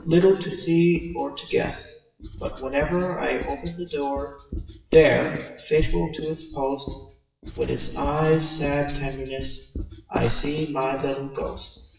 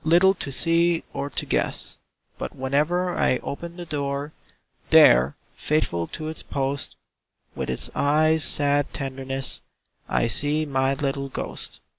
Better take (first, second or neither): second